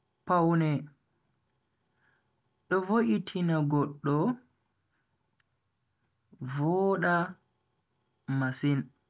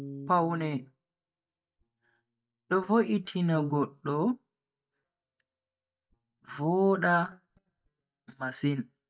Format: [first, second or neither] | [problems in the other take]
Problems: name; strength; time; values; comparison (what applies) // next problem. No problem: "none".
first | noise reduction (neural mask model DeepFilterNet 3)